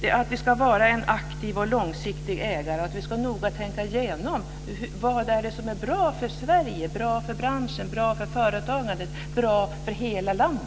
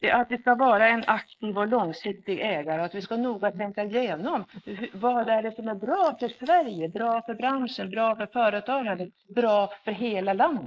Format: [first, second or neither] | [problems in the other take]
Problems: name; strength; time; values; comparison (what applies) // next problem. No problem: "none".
first | noise reduction (neural mask model Resemble Enhance denoiser)